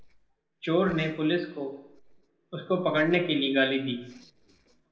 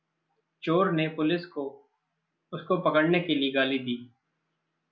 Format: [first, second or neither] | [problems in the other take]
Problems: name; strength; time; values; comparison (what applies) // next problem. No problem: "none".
second | noise reduction (neural separator model SepFormer DNS4)